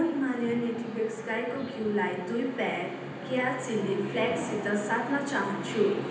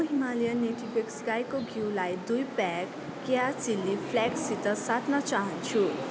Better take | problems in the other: second | room echo; dies away in 0.9 s

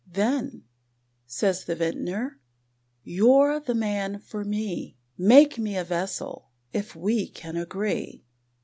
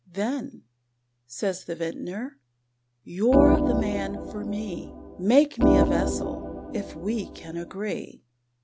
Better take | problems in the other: first | background sound (Organ); 3 dB above the speech

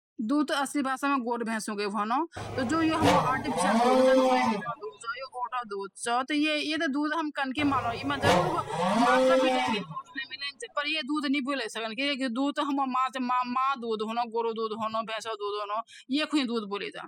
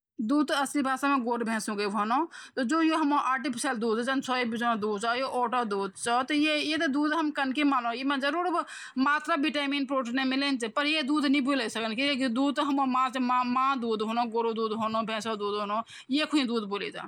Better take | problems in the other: second | noise reduction (classical method spectral subtraction)

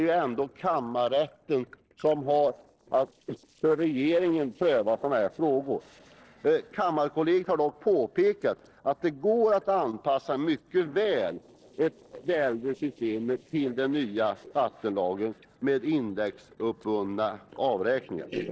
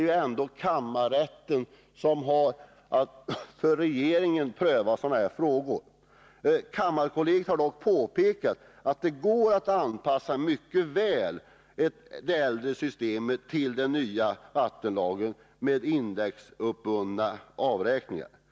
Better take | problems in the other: second | noise reduction (neural separator model SepFormer DNS4)

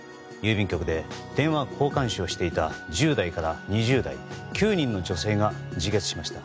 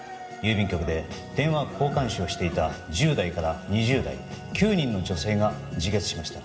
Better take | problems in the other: first | background sound (Bathtub (filling or washing) / Water tap, faucet); 19 dB below the speech // room echo; dies away in 2.6 s

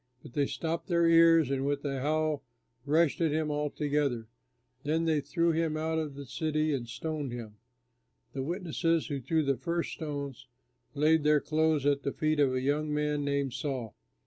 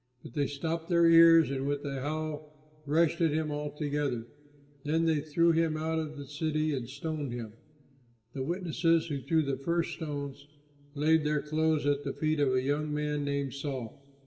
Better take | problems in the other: first | room echo; dies away in 2 s

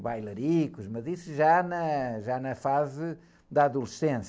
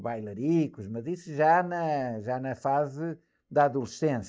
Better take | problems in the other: first | noise reduction (neural mask model DeepFilterNet 3)

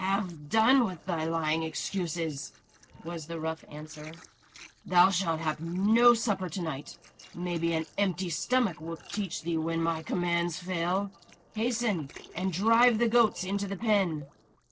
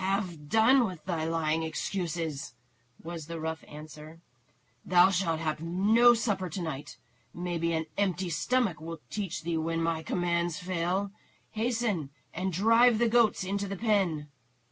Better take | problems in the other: second | noise reduction (neural separator model SepFormer DNS4)

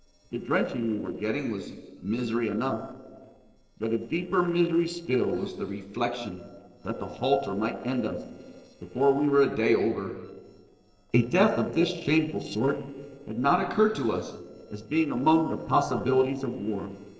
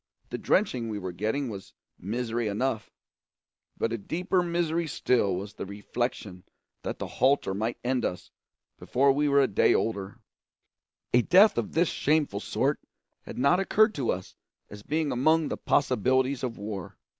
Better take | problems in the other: second | noise reduction (neural separator model SepFormer DNS4)

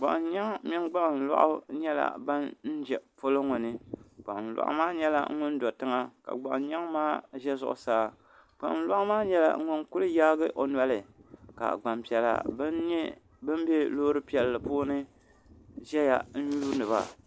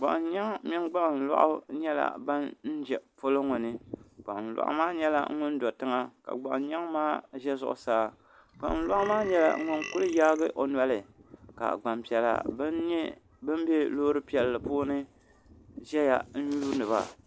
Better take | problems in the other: first | background sound (Burping, eructation); 11 dB below the speech

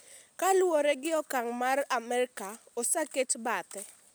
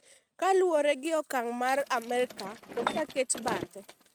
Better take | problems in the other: first | noise reduction (neural mask model RNNoise)

